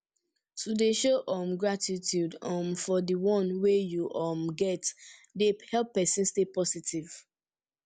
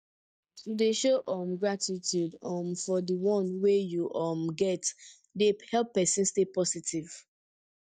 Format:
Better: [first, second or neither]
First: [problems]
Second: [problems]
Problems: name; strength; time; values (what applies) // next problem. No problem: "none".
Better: first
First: none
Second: noise reduction (neural mask model DeepFilterNet 3)